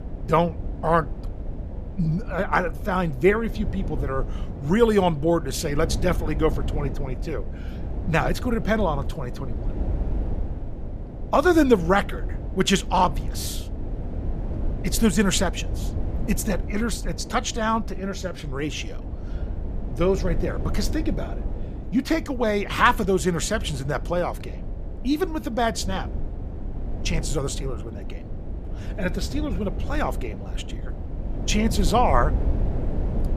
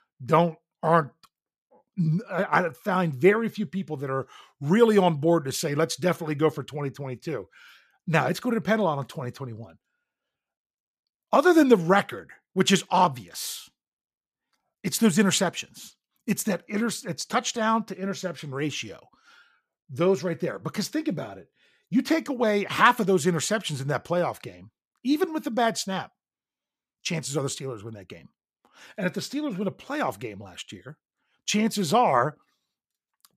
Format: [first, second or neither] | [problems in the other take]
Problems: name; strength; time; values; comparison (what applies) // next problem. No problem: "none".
second | wind noise on the microphone; occasional gusts; 15 dB below the speech